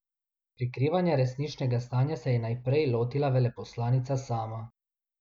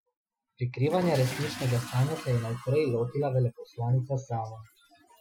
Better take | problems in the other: first | noise reduction (classical method Wiener filter)

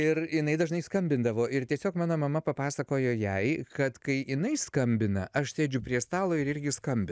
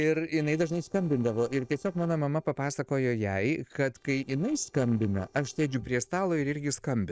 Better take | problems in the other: first | noise reduction (neural separator model SepFormer DNS4)

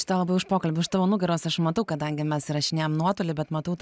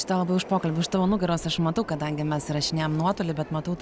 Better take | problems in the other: first | background sound (Subway, metro, underground); 16 dB below the speech

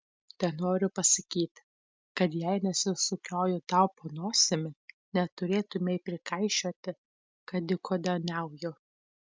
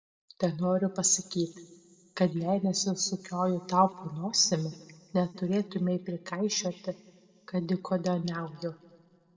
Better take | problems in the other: first | room echo; dies away in 1.4 s

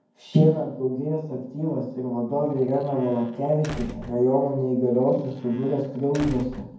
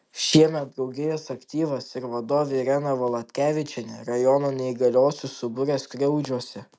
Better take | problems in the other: second | background sound (Squeak / Slam / Wood); 16 dB below the speech // room echo; dies away in 0.9 s

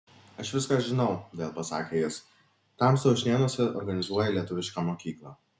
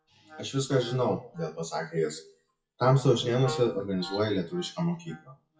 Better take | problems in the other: first | noise reduction (classical method WPE with log-MMSE)

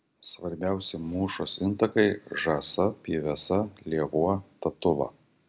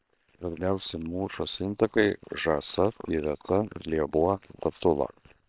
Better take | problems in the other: first | noise reduction (neural separator model SepFormer WHAM!)

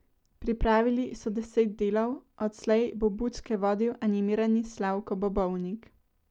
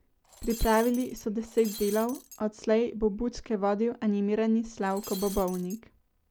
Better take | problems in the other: first | background sound (Shatter); 16 dB below the speech

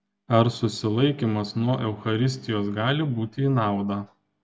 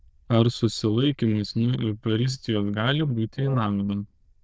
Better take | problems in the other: first | noise reduction (neural diffusion model UNIVERSE++)

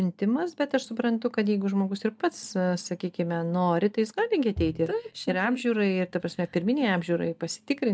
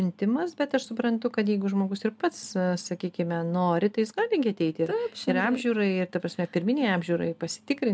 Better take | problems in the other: second | noise reduction (neural mask model DeepFilterNet 3)

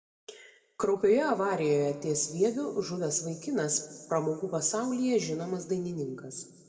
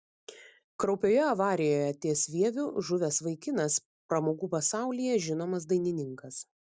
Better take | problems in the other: second | room echo; dies away in 1.3 s

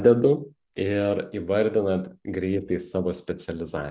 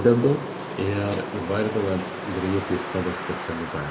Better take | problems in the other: first | background sound (Wind); 8 dB below the speech // room echo; dies away in 1 s

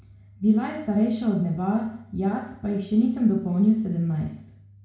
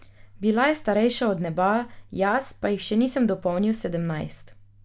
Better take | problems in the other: second | room echo; dies away in 0.6 s

